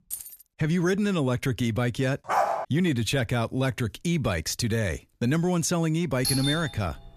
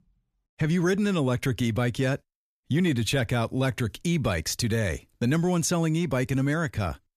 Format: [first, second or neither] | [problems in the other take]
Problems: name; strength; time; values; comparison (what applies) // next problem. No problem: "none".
second | jangling keys; noticeable; at the start; peak 9 dB below the speech // dog barking; loud; at 2.5 s; peak 1 dB above the speech // doorbell; noticeable; at 6 s; peak level with the speech